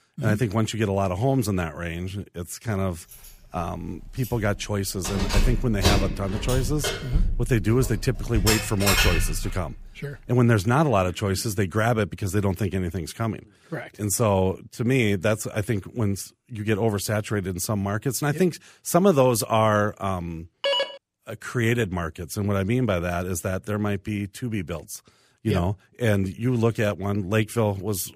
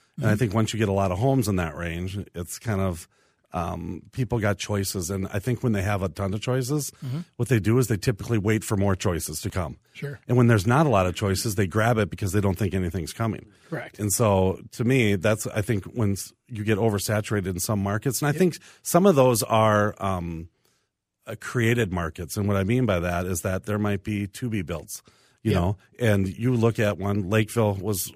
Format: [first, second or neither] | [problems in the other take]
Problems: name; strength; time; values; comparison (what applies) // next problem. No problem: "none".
second | jangling keys; loud; from 4.5 to 9.5 s; peak 5 dB above the speech // phone ringing; loud; at 21 s; peak 1 dB above the speech